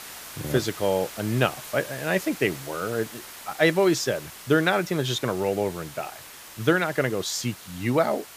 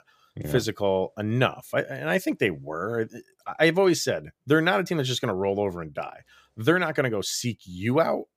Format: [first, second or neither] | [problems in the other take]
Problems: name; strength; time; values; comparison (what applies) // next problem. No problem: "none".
second | hiss; noticeable; throughout; 15 dB below the speech